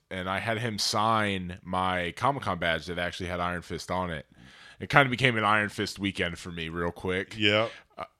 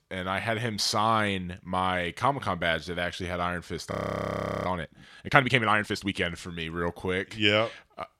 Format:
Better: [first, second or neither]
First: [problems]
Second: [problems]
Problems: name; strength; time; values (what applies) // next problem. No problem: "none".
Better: first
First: none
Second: audio freezing; at 4 s for 0.5 s